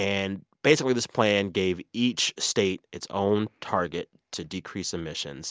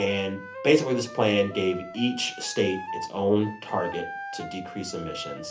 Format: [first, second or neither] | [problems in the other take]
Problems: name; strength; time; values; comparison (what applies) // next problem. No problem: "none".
first | background sound (Wind instrument, woodwind instrument); 11 dB below the speech // room echo; dies away in 0.3 s